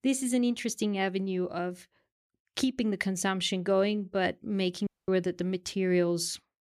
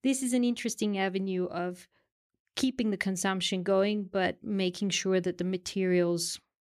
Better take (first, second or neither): second